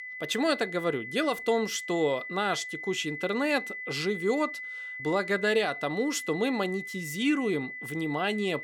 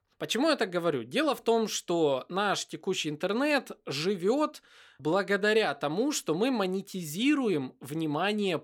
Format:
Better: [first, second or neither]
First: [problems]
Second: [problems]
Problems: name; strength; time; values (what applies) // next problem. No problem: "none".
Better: second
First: high-pitched whine; loud; throughout; 2 kHz, 8 dB below the speech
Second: none